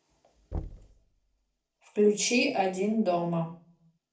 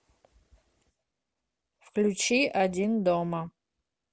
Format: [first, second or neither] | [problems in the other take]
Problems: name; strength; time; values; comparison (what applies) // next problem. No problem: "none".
second | background sound (Knock); 14 dB below the speech // room echo; dies away in 0.4 s